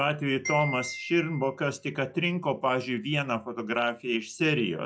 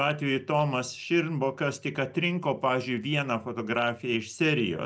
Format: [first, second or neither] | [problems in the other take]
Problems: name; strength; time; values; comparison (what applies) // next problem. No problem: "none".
second | noise reduction (classical method log-MMSE)